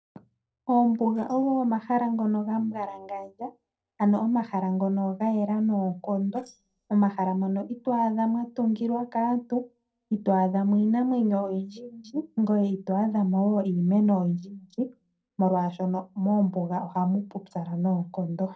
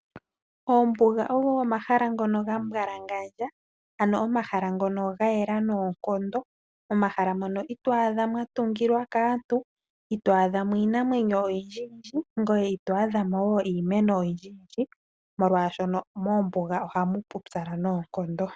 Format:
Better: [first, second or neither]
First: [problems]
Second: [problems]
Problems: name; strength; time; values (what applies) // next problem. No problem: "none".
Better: second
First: noise reduction (neural separator model SepFormer DNS4)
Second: none